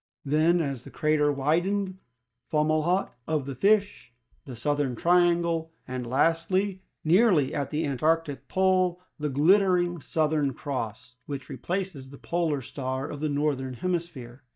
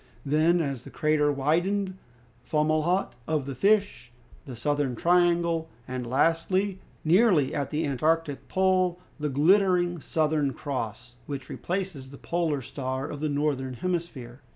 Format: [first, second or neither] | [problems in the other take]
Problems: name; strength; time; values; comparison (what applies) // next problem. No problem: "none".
second | noise reduction (neural mask model DeepFilterNet 3)